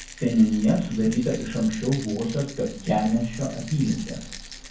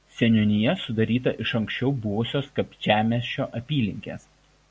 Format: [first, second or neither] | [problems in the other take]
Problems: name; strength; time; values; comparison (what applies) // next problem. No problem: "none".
second | background sound (Rattle); 15 dB below the speech // room echo; dies away in 0.6 s